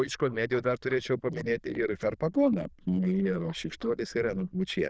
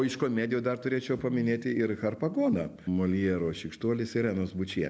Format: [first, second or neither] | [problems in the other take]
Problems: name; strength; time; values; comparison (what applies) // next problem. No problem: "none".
second | noise reduction (neural diffusion model UNIVERSE++)